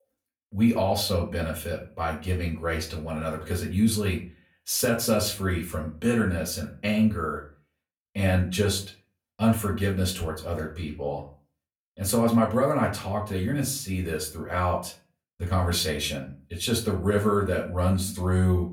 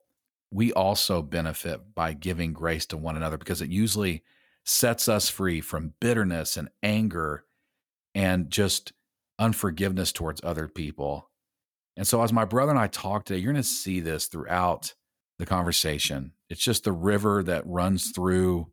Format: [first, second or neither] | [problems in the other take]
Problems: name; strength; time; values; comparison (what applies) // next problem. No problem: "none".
second | off-mic speech; far // room echo; very slight; dies away in 0.3 s